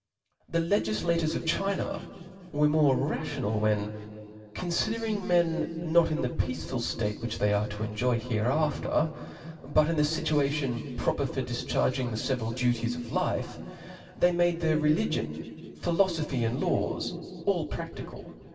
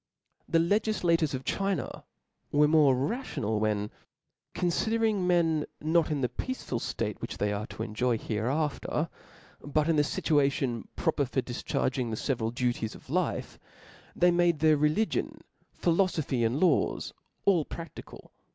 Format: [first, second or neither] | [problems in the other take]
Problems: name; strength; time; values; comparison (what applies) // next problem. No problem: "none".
second | room echo; dies away in 2.5 s